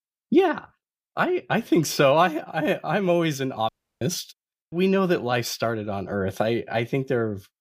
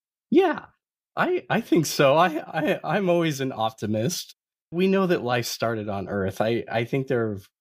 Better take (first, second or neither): second